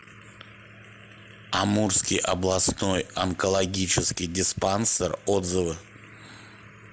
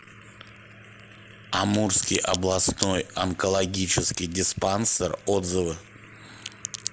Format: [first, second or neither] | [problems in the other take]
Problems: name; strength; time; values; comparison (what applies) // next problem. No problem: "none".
first | background sound (Crack); 14 dB below the speech